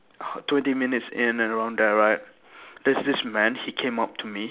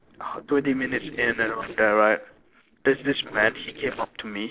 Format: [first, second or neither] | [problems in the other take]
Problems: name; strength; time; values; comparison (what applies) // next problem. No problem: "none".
first | noise reduction (neural separator model SepFormer DNS4)